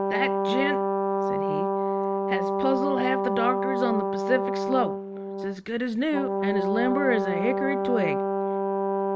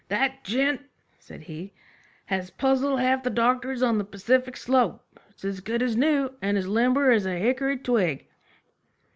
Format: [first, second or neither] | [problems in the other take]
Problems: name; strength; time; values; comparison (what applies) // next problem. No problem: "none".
second | background sound (Brass instrument); 2 dB above the speech